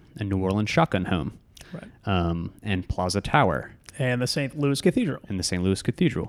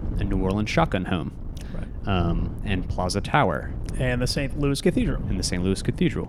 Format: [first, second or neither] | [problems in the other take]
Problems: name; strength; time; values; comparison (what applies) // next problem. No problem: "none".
first | wind noise on the microphone; occasional gusts; 15 dB below the speech